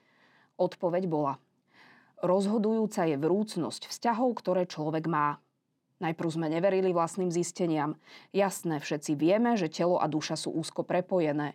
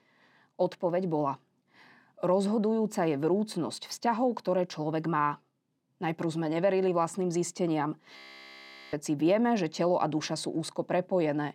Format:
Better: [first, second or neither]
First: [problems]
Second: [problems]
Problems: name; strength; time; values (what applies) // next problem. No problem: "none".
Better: first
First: none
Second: audio freezing; at 8 s for 1 s